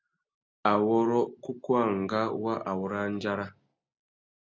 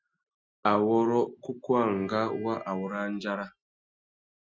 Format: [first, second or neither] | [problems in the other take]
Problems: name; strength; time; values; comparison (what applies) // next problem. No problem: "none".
first | noise reduction (classical method Wiener filter)